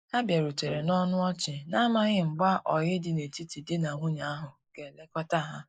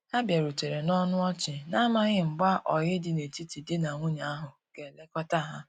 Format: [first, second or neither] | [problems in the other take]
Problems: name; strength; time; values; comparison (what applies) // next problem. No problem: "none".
second | noise reduction (neural mask model Resemble Enhance denoiser)